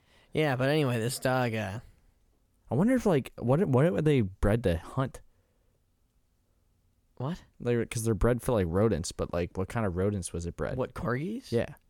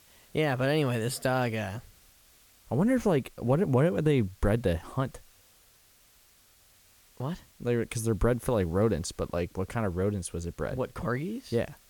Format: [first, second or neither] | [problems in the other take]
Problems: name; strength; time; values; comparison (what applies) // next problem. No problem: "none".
first | hiss; faint; throughout; 30 dB below the speech